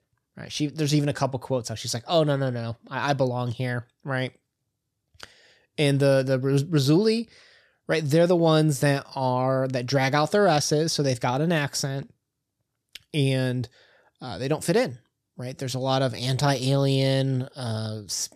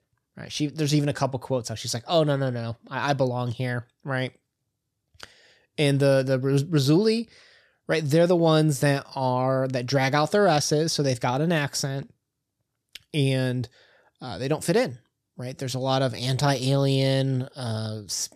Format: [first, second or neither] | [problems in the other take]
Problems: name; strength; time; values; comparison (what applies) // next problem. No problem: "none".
neither | none